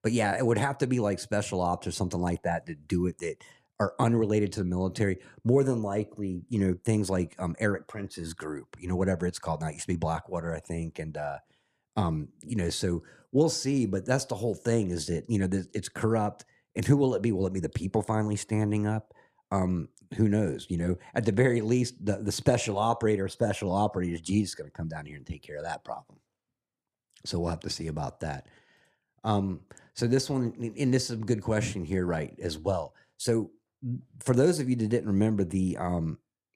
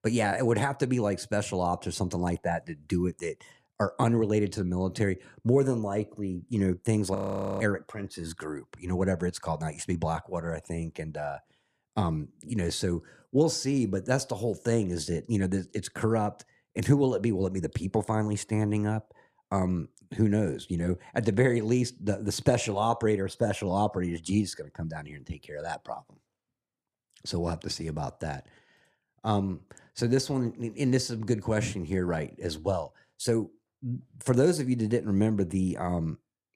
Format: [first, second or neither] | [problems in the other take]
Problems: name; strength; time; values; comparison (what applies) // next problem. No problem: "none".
first | audio freezing; at 7 s